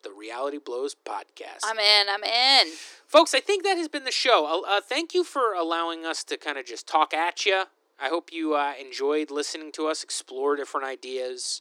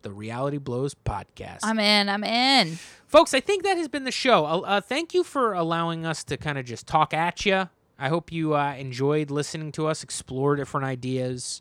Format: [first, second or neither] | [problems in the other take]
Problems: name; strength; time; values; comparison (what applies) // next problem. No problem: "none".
second | thin; somewhat; fading below 300 Hz